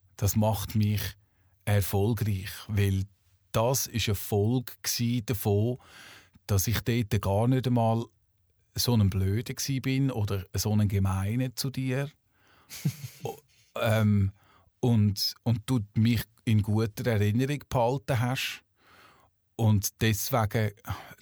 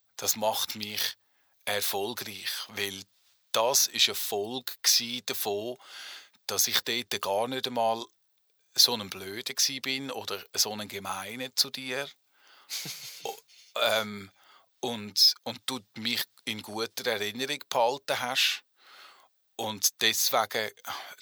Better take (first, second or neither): first